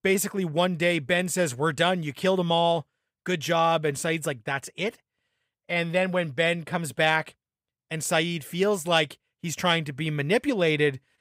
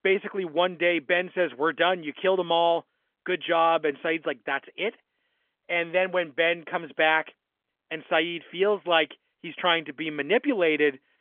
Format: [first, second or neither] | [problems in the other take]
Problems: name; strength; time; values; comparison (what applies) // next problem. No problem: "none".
first | phone-call audio; nothing above 3.5 kHz